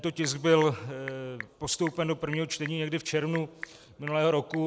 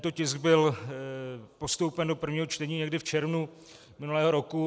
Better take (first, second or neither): second